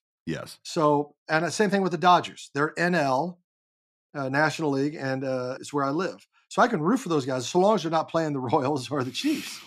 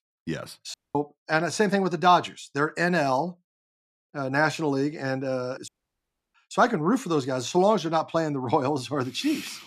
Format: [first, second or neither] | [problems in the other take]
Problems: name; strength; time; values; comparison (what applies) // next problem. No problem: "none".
first | audio cutting out; at 0.5 s and at 5.5 s for 0.5 s